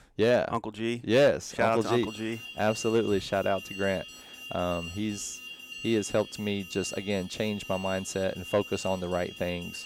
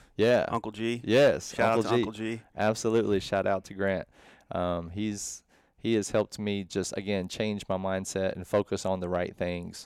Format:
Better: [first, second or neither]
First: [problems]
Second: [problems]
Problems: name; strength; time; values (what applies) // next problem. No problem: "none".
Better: second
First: alarm; noticeable; from 2 s on; peak 9 dB below the speech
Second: none